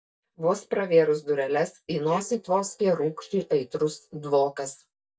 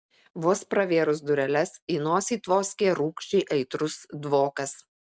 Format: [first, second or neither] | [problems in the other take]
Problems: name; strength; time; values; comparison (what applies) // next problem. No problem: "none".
second | noise reduction (neural mask model DeepFilterNet 3)